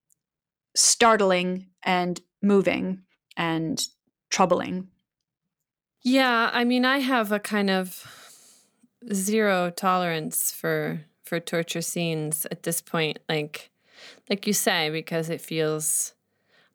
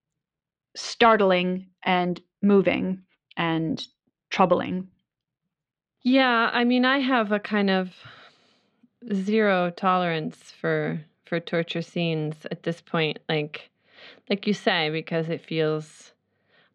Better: first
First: none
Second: muffled; slightly; fading above 3.5 kHz

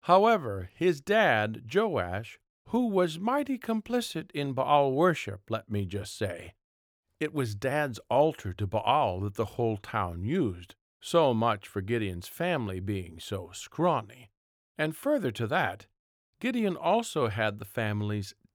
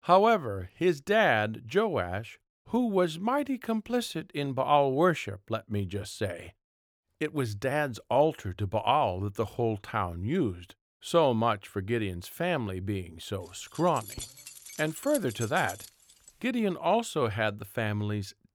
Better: first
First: none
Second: jangling keys; noticeable; from 14 to 16 s; peak 10 dB below the speech

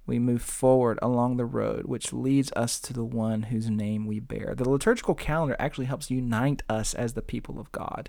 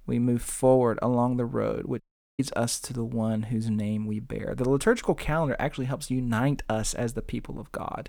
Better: first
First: none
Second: audio cutting out; at 2 s

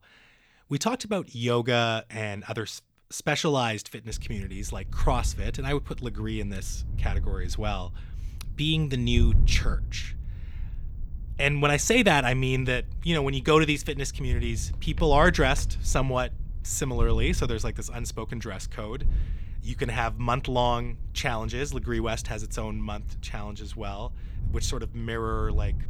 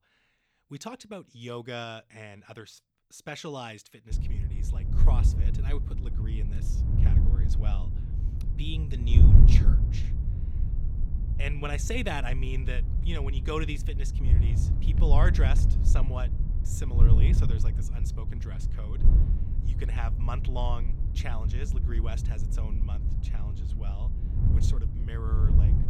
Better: first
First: wind noise on the microphone; occasional gusts; from 4 s on; 25 dB below the speech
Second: wind noise on the microphone; heavy; from 4 s on; 4 dB below the speech

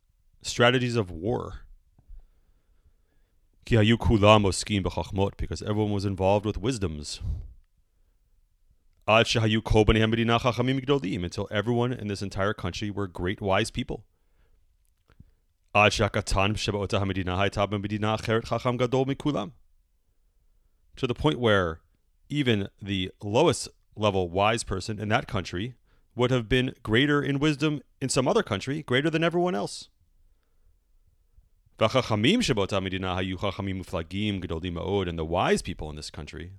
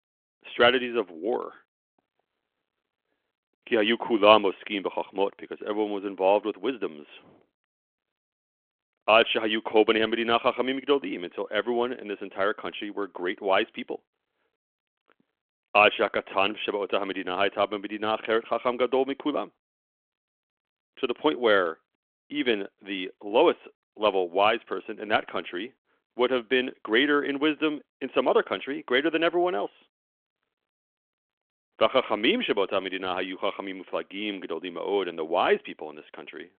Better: first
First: none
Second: phone-call audio

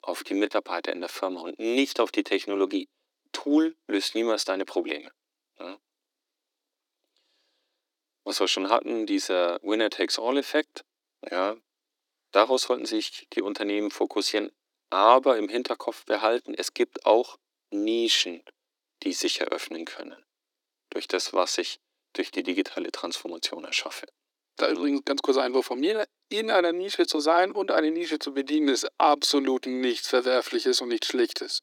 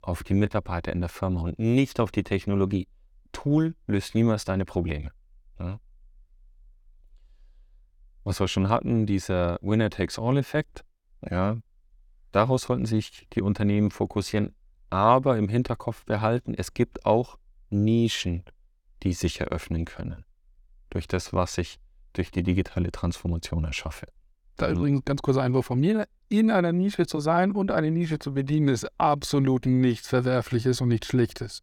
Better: second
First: thin; somewhat; fading below 300 Hz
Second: none

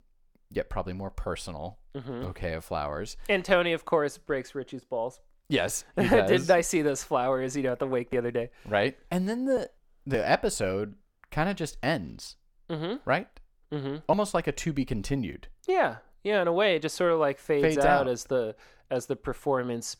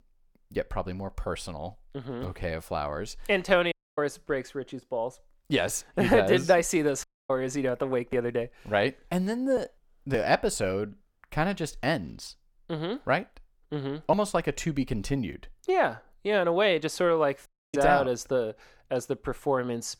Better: first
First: none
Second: audio cutting out; at 3.5 s, at 7 s and at 17 s

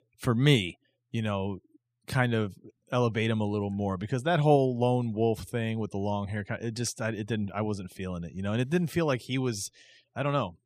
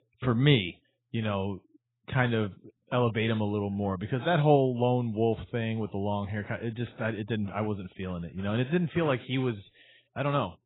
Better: first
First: none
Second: garbled, watery; badly; nothing above 3.5 kHz

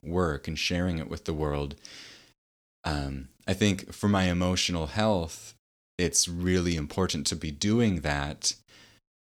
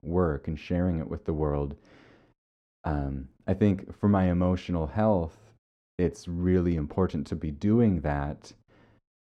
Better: first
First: none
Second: muffled; very; fading above 2.5 kHz

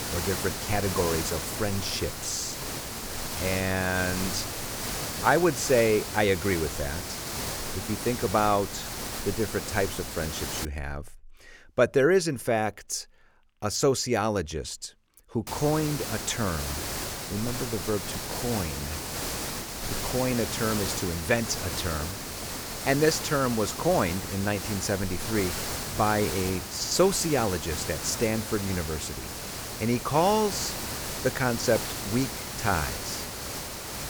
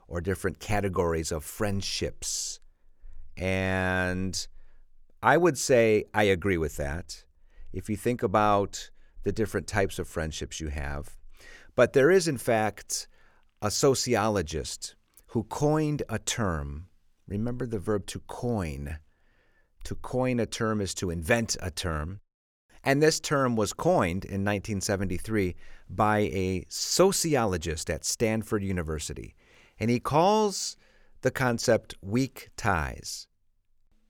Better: second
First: hiss; loud; until 11 s and from 15 s on; 5 dB below the speech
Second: none

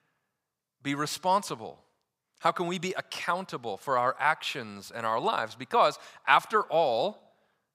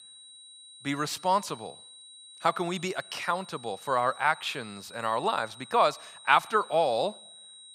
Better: first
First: none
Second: high-pitched whine; noticeable; throughout; 4 kHz, 20 dB below the speech

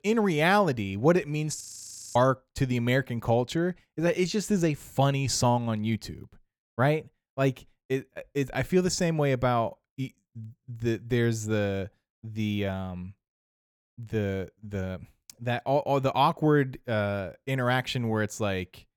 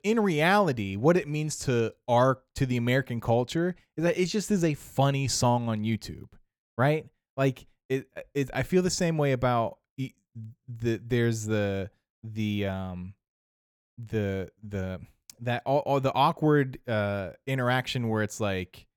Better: second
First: audio freezing; at 1.5 s for 0.5 s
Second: none

